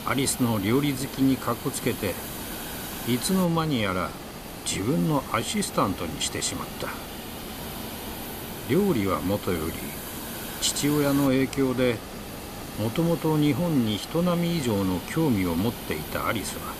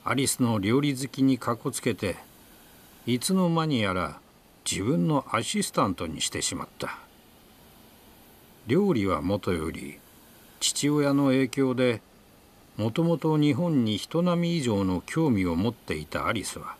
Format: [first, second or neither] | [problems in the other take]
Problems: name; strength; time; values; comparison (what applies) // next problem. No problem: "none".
second | hiss; loud; throughout; 9 dB below the speech; faint in the second